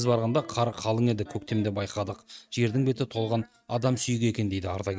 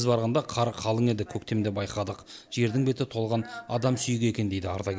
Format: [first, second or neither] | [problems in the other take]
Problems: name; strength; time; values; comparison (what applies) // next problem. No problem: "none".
second | noise reduction (neural mask model RNNoise)